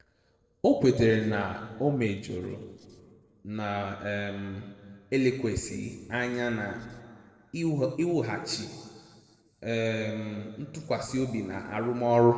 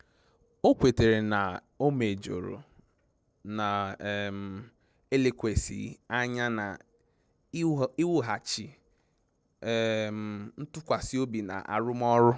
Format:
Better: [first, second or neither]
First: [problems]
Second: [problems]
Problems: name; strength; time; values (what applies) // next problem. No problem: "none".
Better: second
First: noise reduction (neural separator model SepFormer DNS4)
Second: none